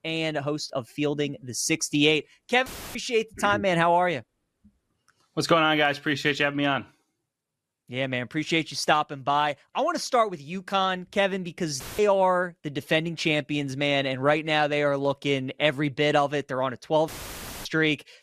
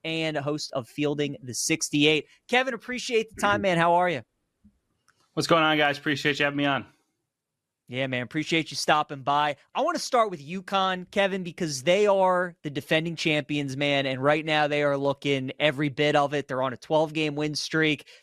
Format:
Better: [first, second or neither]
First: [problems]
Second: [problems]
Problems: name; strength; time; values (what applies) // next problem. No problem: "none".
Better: second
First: audio cutting out; filled with static; at 2.5 s, at 12 s and at 17 s for 0.5 s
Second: none